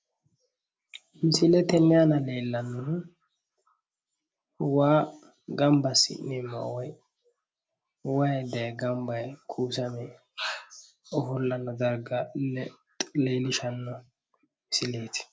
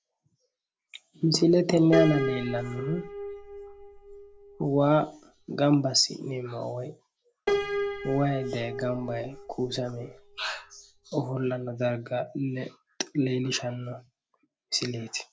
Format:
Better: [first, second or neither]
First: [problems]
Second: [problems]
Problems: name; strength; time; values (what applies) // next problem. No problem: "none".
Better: first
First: none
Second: background sound (Piano); 6 dB below the speech